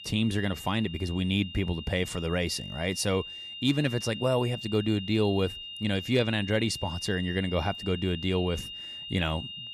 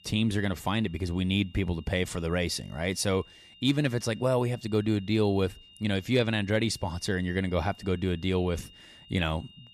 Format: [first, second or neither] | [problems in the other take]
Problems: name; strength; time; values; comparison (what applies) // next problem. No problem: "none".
second | high-pitched whine; loud; throughout; 3 kHz, 10 dB below the speech; faint in the second